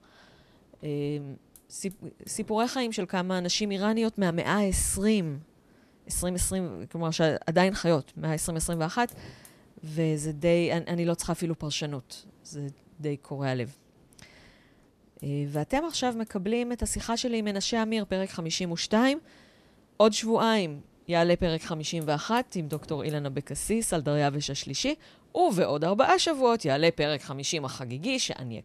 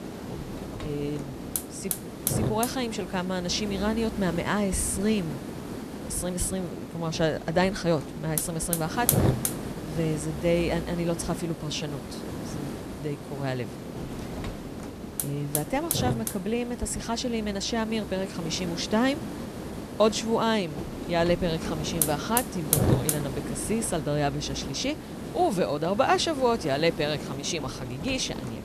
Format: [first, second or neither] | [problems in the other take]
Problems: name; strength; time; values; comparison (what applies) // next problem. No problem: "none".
first | hiss; loud; throughout; 4 dB below the speech; faint in the first